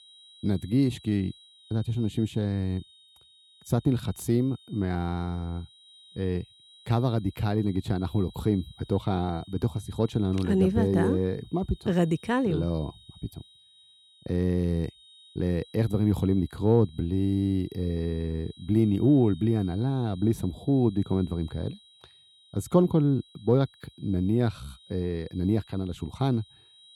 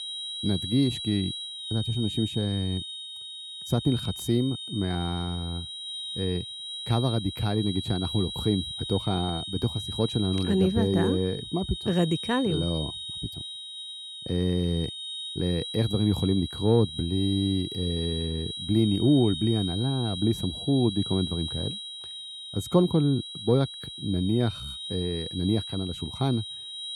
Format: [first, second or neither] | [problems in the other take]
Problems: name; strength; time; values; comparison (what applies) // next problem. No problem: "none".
first | high-pitched whine; loud; throughout; 4 kHz, 7 dB below the speech; faint in the first